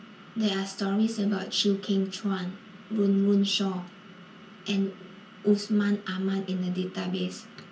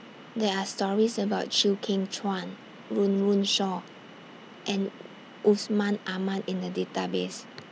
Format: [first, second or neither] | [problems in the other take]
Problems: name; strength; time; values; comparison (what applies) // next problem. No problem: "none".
second | room echo; dies away in 0.3 s